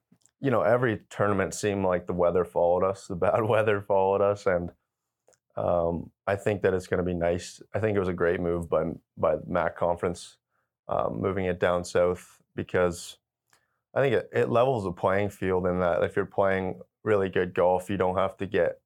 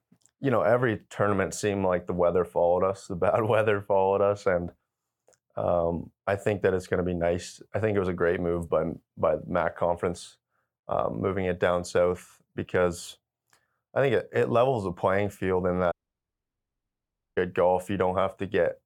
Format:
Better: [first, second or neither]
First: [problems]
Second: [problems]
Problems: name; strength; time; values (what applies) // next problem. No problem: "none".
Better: first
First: none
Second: audio cutting out; at 16 s for 1.5 s